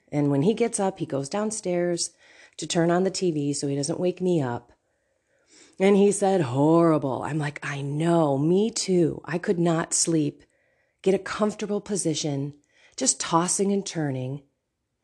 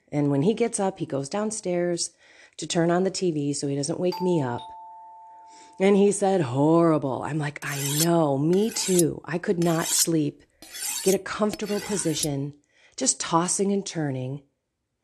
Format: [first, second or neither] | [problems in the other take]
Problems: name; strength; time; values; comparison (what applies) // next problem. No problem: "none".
first | doorbell; faint; from 4 to 5.5 s; peak 10 dB below the speech // clattering dishes; noticeable; from 7.5 to 12 s; peak 1 dB below the speech